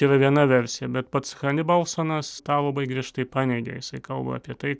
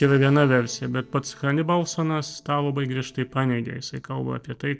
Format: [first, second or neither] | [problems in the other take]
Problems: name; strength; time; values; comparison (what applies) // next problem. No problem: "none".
first | noise reduction (neural separator model SepFormer DNS4)